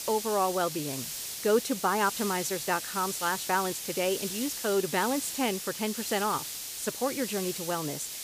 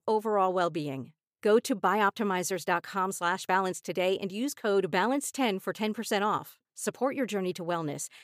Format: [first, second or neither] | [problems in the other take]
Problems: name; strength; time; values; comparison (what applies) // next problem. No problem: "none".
second | hiss; loud; throughout; 4 dB below the speech